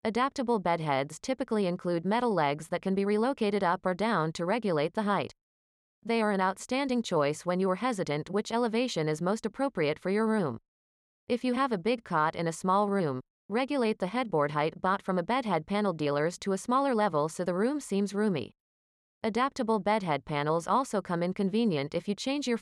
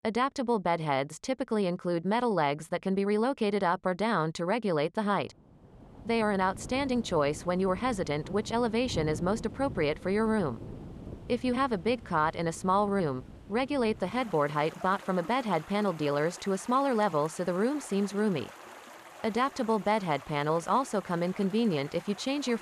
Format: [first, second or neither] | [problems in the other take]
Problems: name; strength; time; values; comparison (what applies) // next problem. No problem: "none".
first | rain or running water; noticeable; from 6 s on; 15 dB below the speech